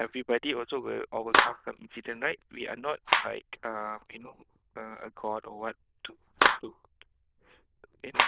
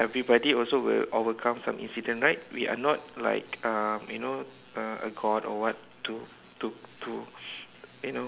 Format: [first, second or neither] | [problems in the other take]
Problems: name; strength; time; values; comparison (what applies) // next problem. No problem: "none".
second | noise reduction (neural diffusion model UNIVERSE++)